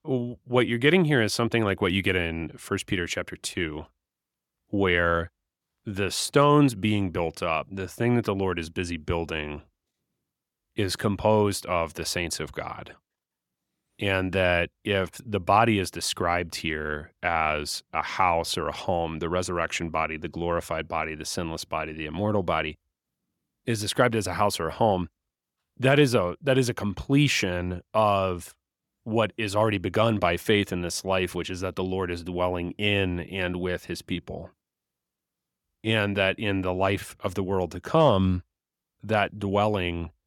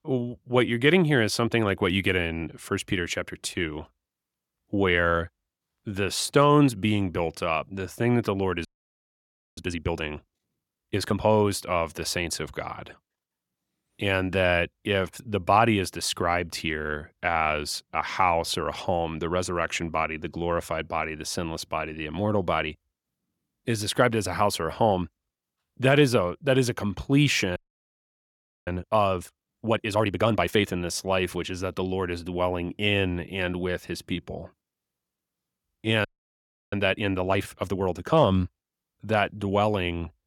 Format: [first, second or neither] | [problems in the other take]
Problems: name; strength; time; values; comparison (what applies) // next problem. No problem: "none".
first | audio freezing; at 8.5 s for 1 s, at 28 s for 1 s and at 36 s for 0.5 s